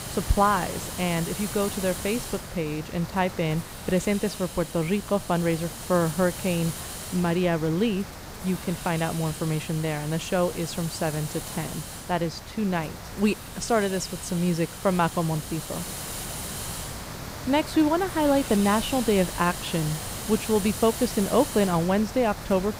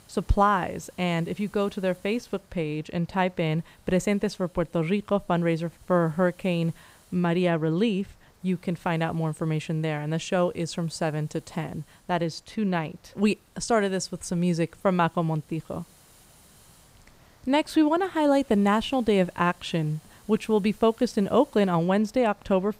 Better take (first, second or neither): second